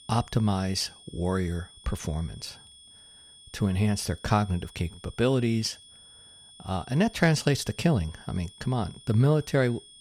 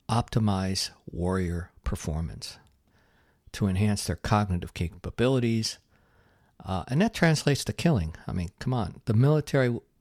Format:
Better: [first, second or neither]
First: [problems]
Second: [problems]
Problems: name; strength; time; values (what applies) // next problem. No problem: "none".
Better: second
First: high-pitched whine; faint; throughout; 3.5 kHz, 20 dB below the speech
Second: none